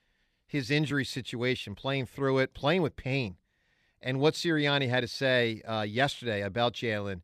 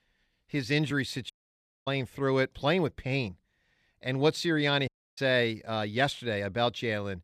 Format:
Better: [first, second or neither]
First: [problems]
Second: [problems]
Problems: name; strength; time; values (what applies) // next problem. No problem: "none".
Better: first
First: none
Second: audio cutting out; at 1.5 s for 0.5 s and at 5 s